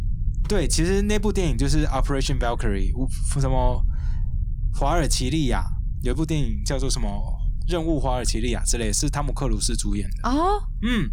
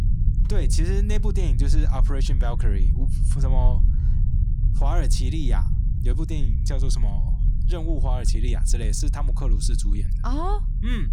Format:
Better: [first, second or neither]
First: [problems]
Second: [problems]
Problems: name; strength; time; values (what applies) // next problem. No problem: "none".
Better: first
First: low rumble; faint; throughout; 20 dB below the speech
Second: low rumble; loud; throughout; 8 dB below the speech